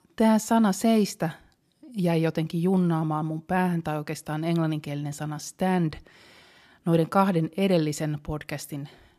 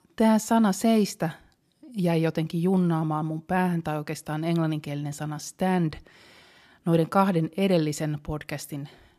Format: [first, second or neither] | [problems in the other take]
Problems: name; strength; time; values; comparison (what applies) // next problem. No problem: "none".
neither | none